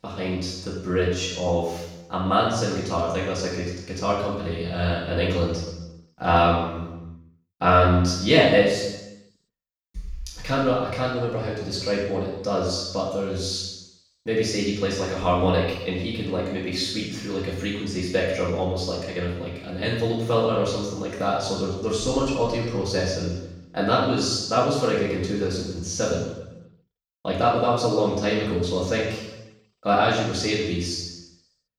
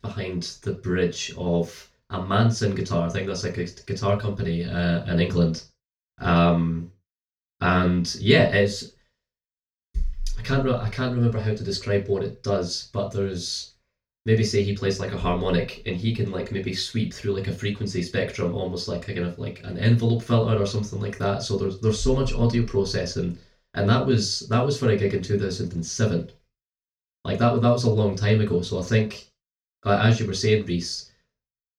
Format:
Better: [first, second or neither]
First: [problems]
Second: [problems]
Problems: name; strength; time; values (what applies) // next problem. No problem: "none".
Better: second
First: room echo; strong; dies away in 0.9 s // off-mic speech; far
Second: room echo; slight; dies away in 0.2 s // off-mic speech; far